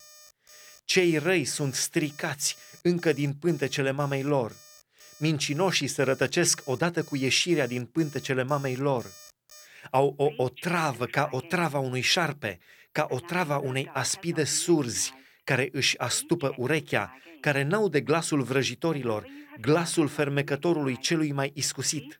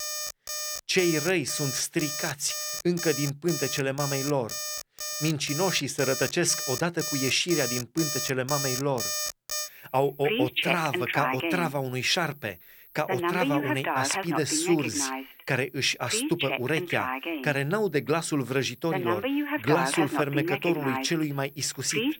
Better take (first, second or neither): first